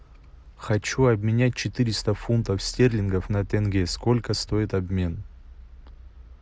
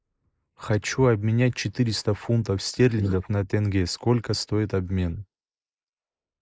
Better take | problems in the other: first | noise reduction (neural mask model Resemble Enhance denoiser)

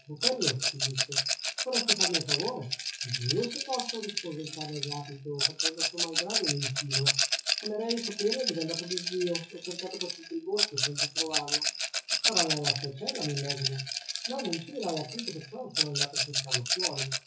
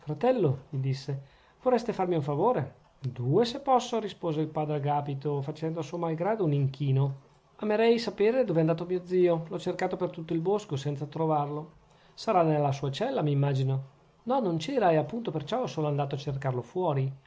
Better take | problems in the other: second | noise reduction (classical method WPE with log-MMSE)

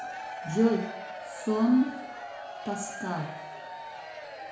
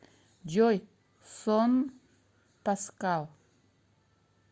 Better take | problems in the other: second | background sound (Crowd / Cheering); 9 dB below the speech // room echo; dies away in 0.6 s

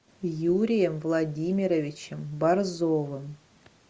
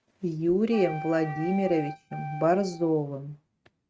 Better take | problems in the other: first | noise reduction (neural mask model RNNoise)

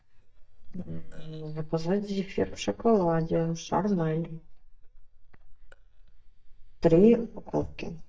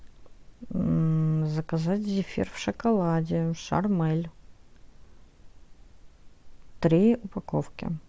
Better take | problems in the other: second | noise reduction (neural mask model DeepFilterNet 3)

